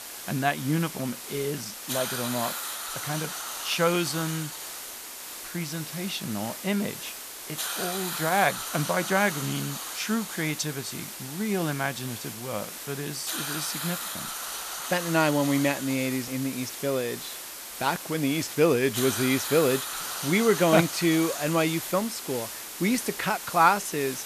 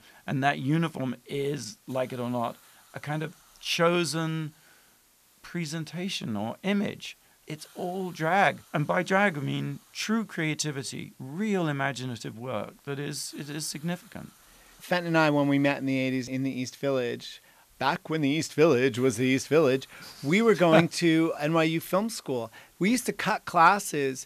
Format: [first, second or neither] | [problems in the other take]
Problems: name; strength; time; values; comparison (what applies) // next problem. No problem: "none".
second | hiss; loud; throughout; 6 dB below the speech; faint in the second